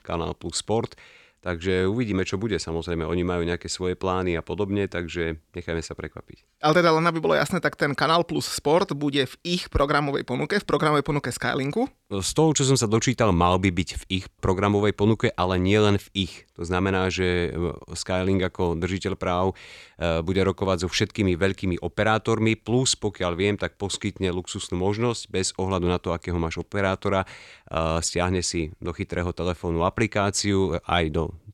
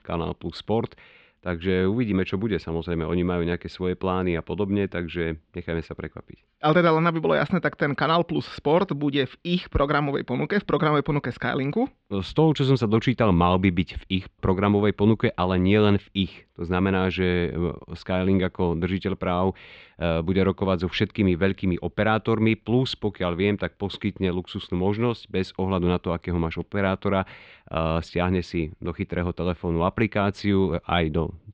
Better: first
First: none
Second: muffled; slightly; fading above 3.5 kHz

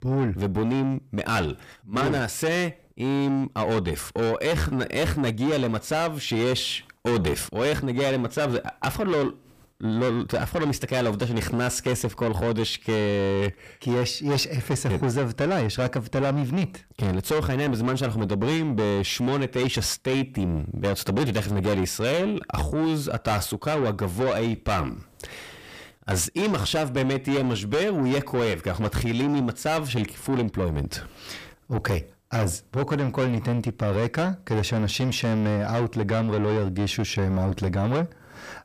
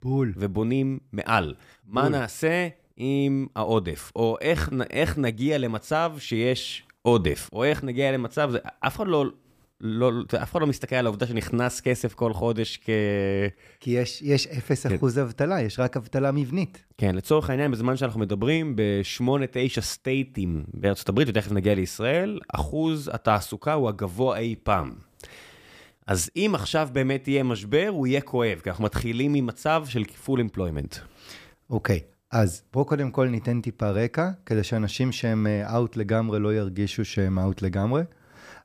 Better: second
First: distortion; heavy; 7 dB below the speech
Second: none

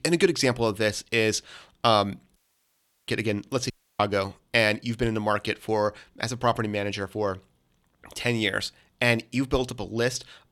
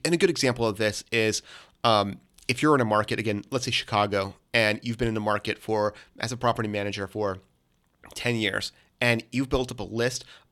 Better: second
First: audio cutting out; at 2.5 s for 0.5 s and at 3.5 s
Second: none

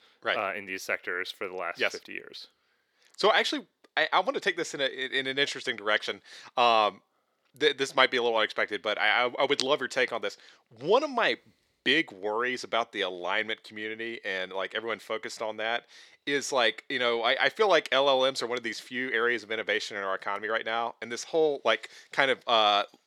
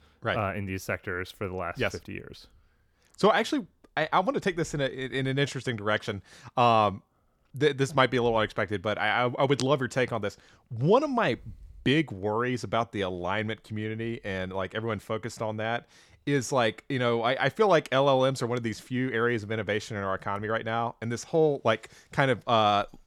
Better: second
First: thin; somewhat; fading below 400 Hz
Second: none

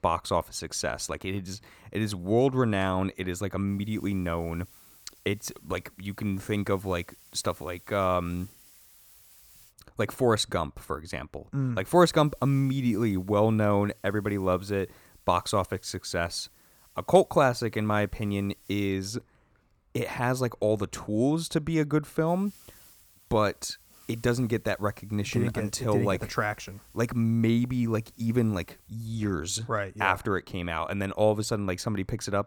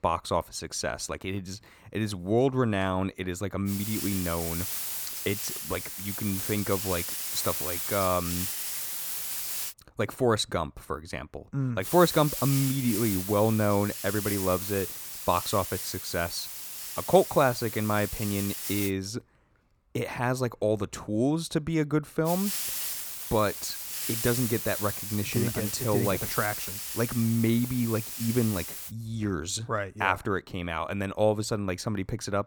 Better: first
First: hiss; faint; from 3.5 to 9.5 s, from 12 to 19 s and from 22 to 29 s; 25 dB below the speech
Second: hiss; loud; from 3.5 to 9.5 s, from 12 to 19 s and from 22 to 29 s; 3 dB below the speech

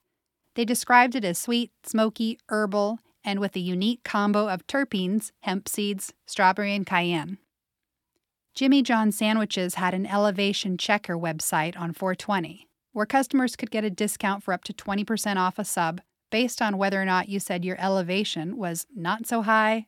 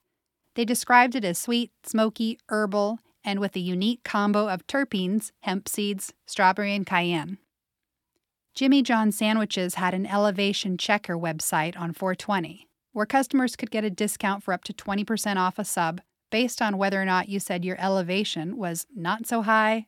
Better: neither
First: none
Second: none

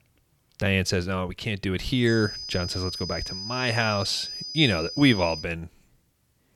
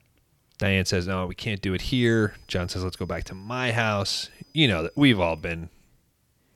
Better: second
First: high-pitched whine; loud; from 2 to 5.5 s; 5 kHz, 8 dB below the speech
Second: high-pitched whine; faint; from 2 to 5.5 s; 5 kHz, 35 dB below the speech

